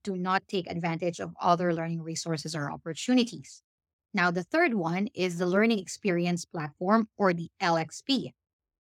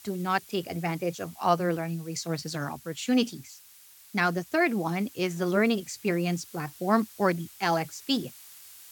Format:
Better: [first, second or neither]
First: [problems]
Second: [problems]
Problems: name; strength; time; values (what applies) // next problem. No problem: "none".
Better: first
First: none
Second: hiss; noticeable; throughout; 20 dB below the speech